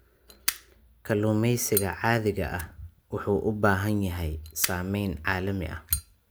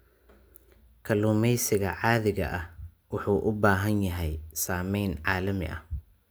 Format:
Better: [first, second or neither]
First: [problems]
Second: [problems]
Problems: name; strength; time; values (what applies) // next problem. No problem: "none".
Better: second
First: background sound (Fire); 10 dB below the speech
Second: none